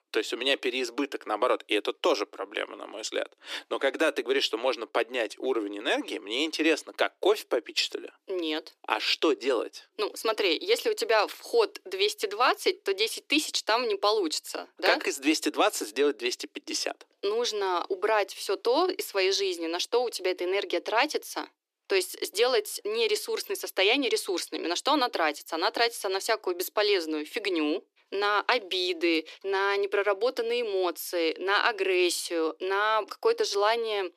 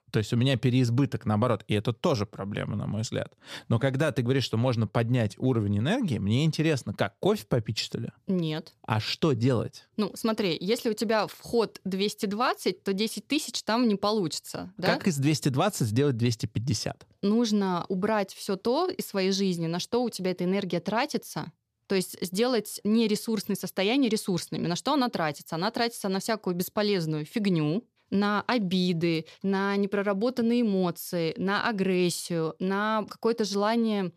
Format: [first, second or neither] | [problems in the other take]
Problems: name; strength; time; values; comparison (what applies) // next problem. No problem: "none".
second | thin; very; fading below 300 Hz